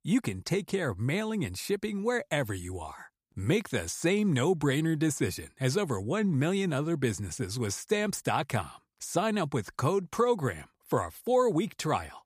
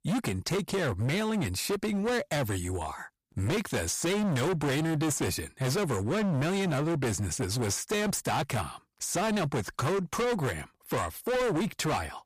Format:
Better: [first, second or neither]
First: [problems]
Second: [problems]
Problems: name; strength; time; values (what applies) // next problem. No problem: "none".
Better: first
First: none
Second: distortion; heavy; 29% of the sound clipped